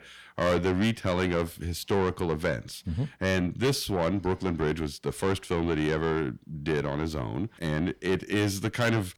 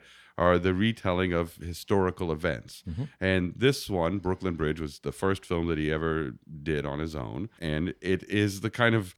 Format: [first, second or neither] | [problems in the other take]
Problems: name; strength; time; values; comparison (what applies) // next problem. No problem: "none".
second | distortion; heavy; 7 dB below the speech